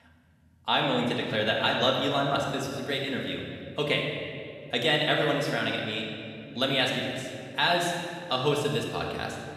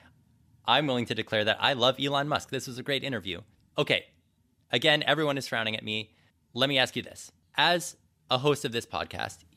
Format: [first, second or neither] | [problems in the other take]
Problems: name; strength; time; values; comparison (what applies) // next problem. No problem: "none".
second | room echo; noticeable; dies away in 2.1 s // off-mic speech; somewhat distant